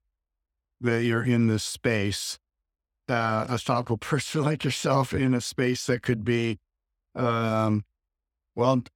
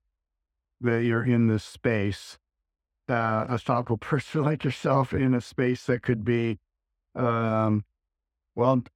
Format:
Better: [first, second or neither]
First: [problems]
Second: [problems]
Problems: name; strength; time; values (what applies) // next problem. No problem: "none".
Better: first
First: none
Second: muffled; slightly; fading above 3 kHz